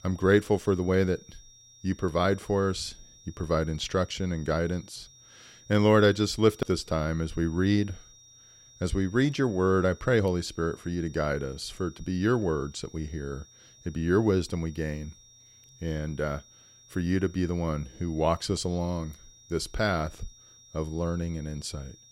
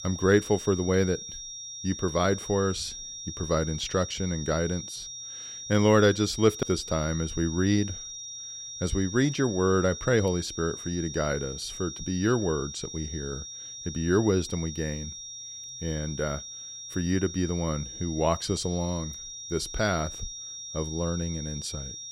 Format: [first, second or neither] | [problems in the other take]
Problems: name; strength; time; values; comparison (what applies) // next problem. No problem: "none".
first | high-pitched whine; loud; throughout; 5.5 kHz, 9 dB below the speech; faint in the first